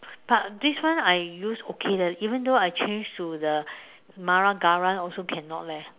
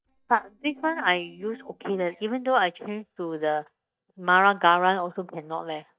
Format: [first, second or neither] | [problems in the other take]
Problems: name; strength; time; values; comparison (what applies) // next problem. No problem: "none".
first | noise reduction (neural mask model DeepFilterNet 3)